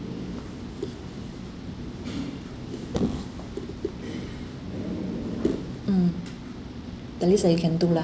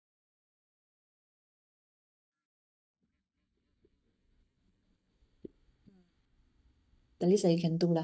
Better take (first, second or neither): first